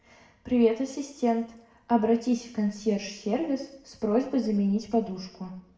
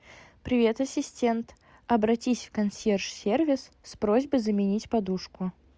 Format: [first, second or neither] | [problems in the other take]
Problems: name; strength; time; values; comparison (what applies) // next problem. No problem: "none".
second | room echo; dies away in 0.6 s